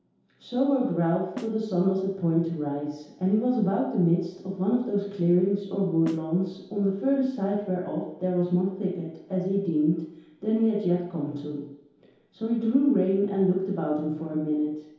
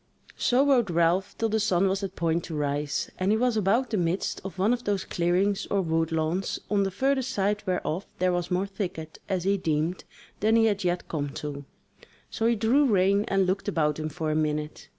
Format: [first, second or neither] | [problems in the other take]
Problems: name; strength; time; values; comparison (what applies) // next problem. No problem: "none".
second | background sound (Snare drum); 19 dB below the speech // room echo; dies away in 0.8 s